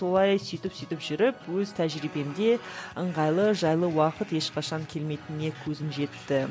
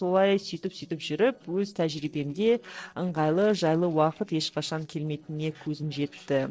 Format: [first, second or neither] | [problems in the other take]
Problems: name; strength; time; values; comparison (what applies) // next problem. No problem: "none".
first | noise reduction (neural separator model SepFormer DNS4)